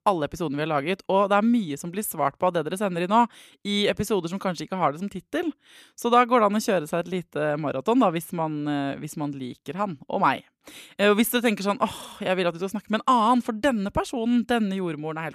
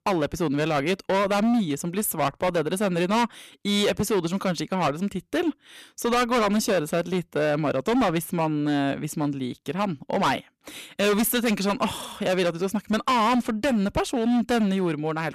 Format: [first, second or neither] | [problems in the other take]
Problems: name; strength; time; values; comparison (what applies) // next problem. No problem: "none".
first | distortion; heavy; 15% of the sound clipped